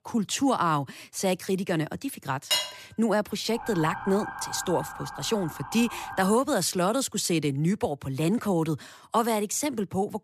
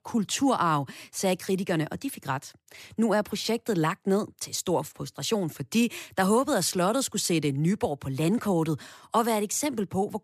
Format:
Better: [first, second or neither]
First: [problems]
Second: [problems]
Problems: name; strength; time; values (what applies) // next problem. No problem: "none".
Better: second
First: clattering dishes; loud; at 2.5 s; peak 1 dB above the speech // siren; noticeable; from 3.5 to 6.5 s; peak 8 dB below the speech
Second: none